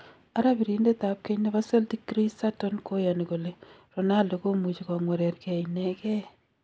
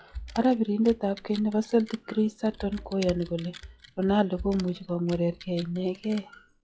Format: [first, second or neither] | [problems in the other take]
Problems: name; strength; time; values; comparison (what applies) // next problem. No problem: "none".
first | noise reduction (classical method log-MMSE)